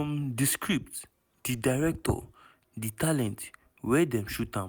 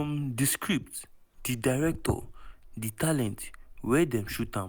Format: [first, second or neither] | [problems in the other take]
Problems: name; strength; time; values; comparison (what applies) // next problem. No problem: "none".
first | background sound (Fire); 17 dB below the speech